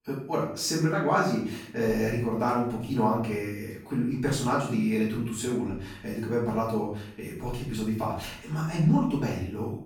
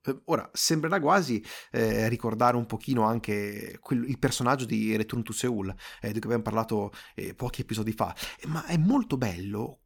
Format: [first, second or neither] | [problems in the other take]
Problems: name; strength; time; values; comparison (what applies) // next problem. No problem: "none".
second | off-mic speech; far // room echo; noticeable; dies away in 0.5 s